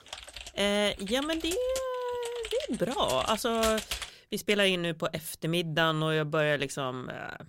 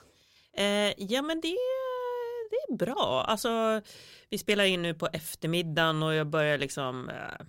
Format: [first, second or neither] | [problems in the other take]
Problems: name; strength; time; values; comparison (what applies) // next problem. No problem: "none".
second | keyboard typing; noticeable; until 4 s; peak 3 dB below the speech